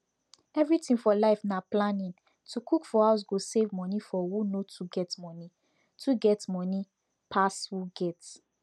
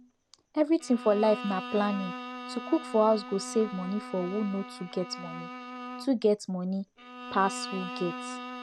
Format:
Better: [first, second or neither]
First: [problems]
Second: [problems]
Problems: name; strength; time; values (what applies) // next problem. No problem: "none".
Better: first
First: none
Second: background sound (Bowed string instrument); 11 dB below the speech